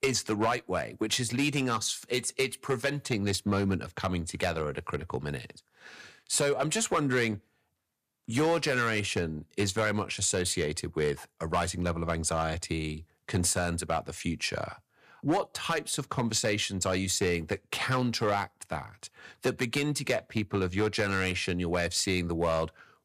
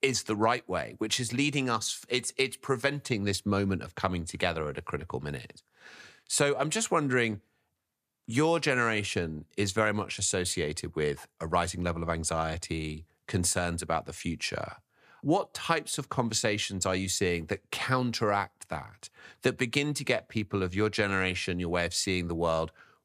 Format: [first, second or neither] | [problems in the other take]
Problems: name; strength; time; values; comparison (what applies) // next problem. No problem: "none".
second | distortion; slight; 3% of the sound clipped